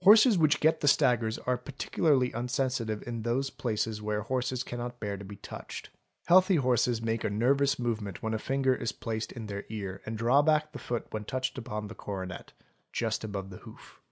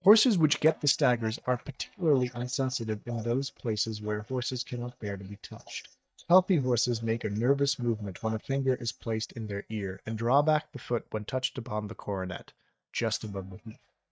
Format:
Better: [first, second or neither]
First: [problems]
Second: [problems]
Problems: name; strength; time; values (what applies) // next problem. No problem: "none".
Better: first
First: none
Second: noise reduction (neural mask model DeepFilterNet 3)